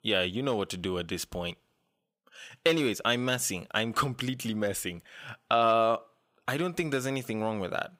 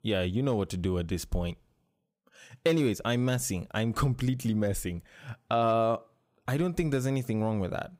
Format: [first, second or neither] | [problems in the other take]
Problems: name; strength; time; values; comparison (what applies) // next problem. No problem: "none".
second | thin; very slightly; fading below 750 Hz